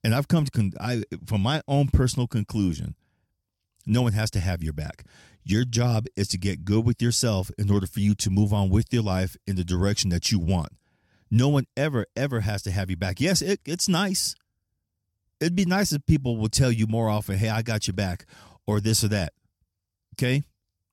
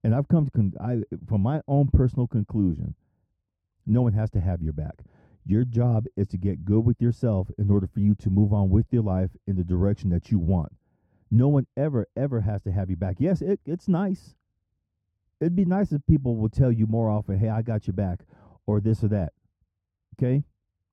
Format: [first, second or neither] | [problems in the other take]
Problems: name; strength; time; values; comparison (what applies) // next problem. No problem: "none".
first | muffled; very; fading above 2 kHz